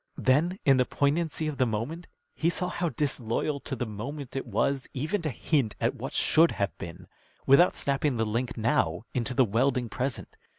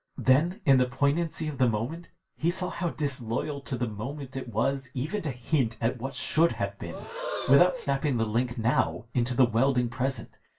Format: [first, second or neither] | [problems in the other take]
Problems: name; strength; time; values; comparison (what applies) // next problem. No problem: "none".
first | background sound (Breathing); 11 dB below the speech // room echo; dies away in 0.2 s